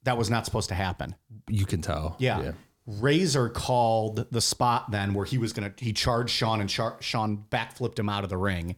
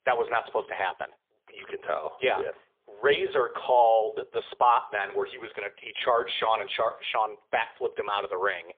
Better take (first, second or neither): first